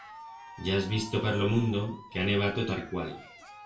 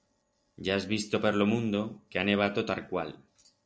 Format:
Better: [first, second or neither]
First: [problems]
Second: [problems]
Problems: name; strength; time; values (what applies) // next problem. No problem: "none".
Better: second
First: background sound (Cheering); 17 dB below the speech // room echo; dies away in 0.3 s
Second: none